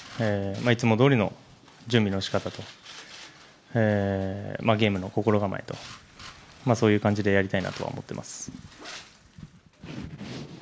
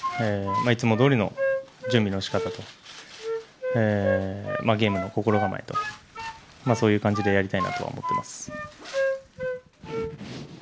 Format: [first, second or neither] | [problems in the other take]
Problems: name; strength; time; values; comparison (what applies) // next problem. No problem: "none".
first | background sound (Wind instrument, woodwind instrument); 5 dB below the speech